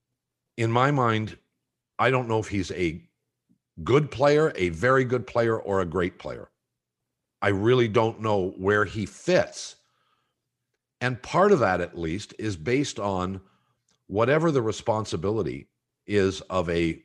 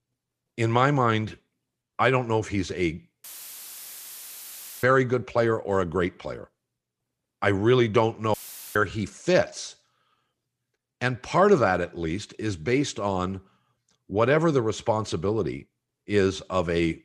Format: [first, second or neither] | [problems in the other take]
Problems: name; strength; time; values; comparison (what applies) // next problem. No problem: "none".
first | audio cutting out; filled with static; at 3 s for 1.5 s and at 8.5 s